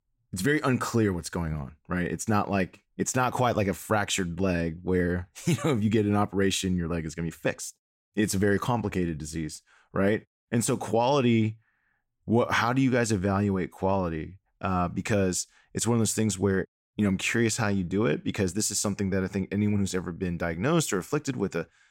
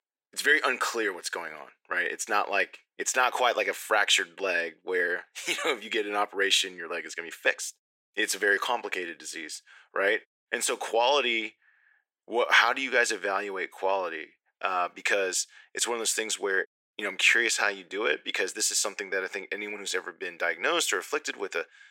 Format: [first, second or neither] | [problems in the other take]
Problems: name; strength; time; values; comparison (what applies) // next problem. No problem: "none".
first | thin; very; fading below 400 Hz